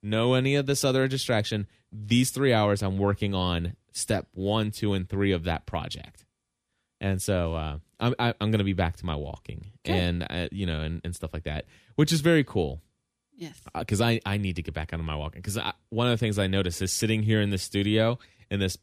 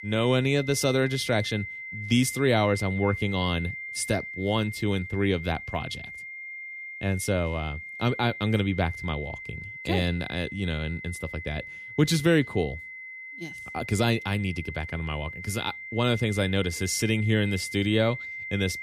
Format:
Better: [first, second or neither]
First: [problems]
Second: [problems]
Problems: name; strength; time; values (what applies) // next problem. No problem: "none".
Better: first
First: none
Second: high-pitched whine; loud; throughout; 2 kHz, 9 dB below the speech